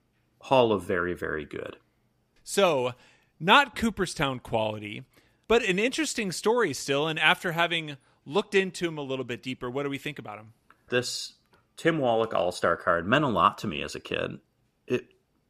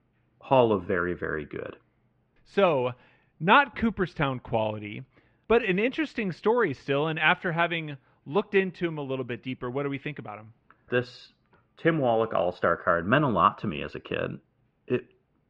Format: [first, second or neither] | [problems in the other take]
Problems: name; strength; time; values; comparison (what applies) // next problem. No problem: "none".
first | muffled; very; fading above 2.5 kHz